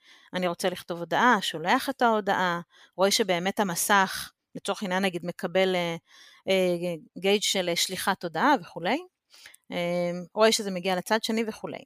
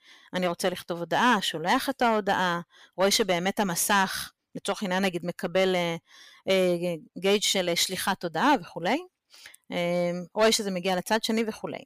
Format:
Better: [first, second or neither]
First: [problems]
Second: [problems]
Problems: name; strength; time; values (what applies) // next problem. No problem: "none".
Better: first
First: none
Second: distortion; slight; 3% of the sound clipped